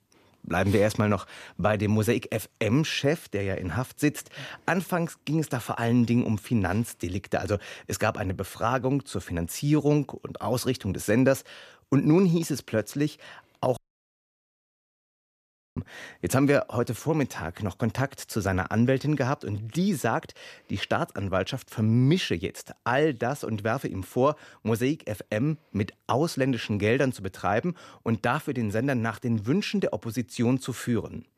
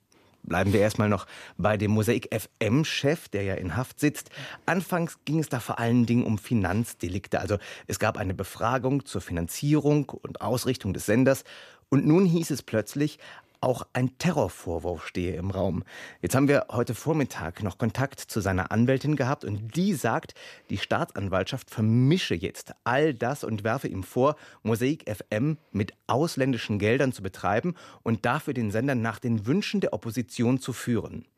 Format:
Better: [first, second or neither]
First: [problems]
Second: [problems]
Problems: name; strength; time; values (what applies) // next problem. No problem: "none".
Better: second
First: audio cutting out; at 14 s for 2 s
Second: none